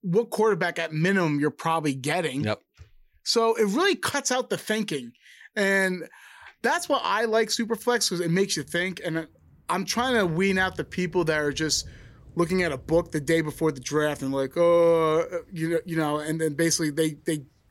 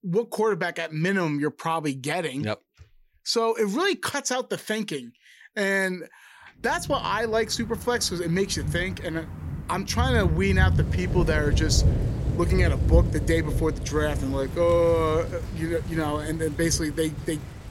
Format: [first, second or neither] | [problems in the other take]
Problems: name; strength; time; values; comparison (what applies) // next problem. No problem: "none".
first | rain or running water; loud; from 7 s on; 2 dB below the speech; faint in the first